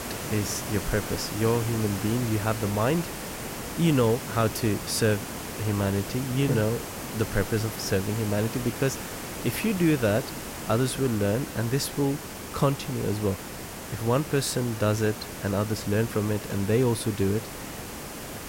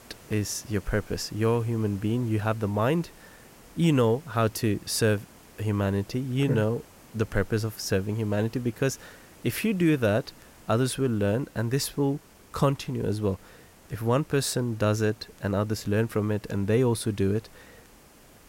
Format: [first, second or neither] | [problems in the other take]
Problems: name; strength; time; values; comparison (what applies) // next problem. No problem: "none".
second | hiss; loud; throughout; 8 dB below the speech; faint in the second